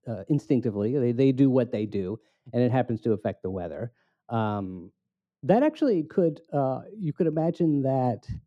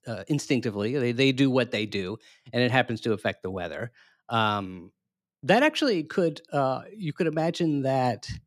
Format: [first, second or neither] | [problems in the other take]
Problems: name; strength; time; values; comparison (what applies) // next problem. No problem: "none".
second | muffled; very; fading above 1 kHz